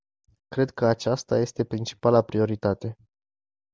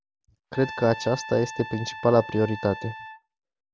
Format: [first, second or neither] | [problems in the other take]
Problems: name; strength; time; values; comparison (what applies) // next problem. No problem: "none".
first | background sound (Trumpet); 13 dB below the speech